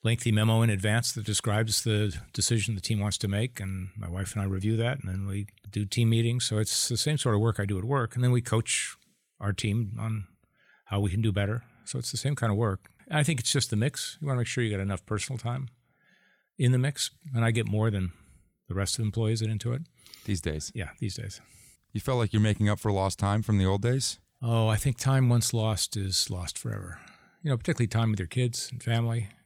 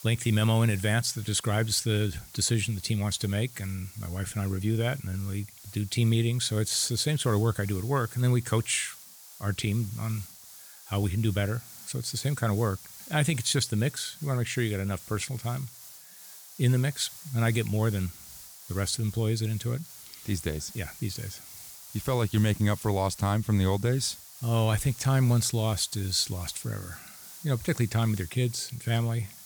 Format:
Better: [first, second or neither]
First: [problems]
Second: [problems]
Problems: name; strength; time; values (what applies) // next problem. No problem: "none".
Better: first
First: none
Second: hiss; noticeable; throughout; 15 dB below the speech